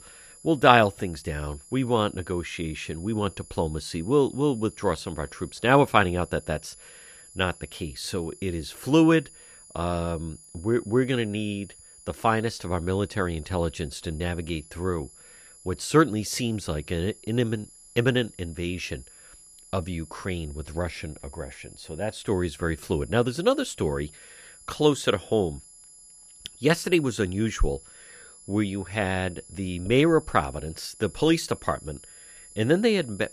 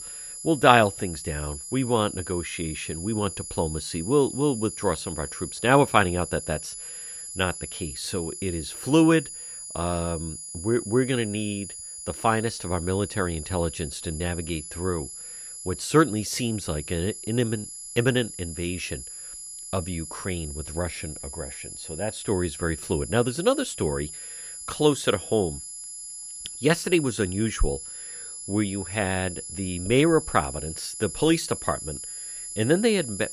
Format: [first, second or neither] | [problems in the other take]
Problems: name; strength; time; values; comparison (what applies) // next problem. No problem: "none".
first | high-pitched whine; loud; throughout; 11 kHz, 9 dB below the speech; faint in the first